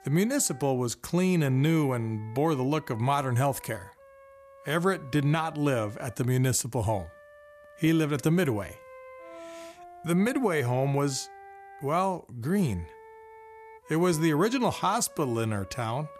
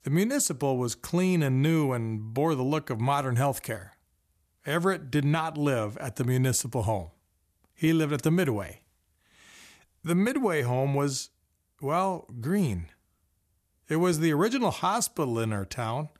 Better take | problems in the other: second | background music; faint; throughout; 20 dB below the speech

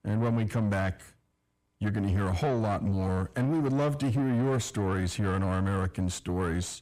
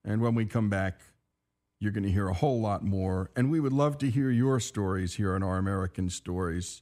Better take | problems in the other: second | distortion; slight; 10 dB below the speech

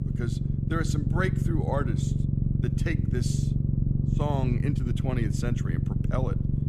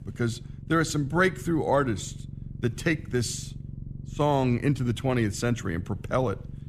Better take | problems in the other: second | low rumble; loud; throughout; 3 dB below the speech; faint in the second

